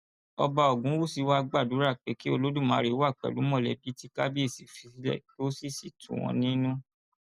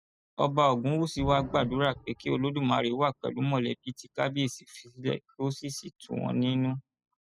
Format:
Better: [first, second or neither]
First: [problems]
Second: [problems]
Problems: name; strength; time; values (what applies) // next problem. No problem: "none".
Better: first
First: none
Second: noise reduction (classical method spectral subtraction)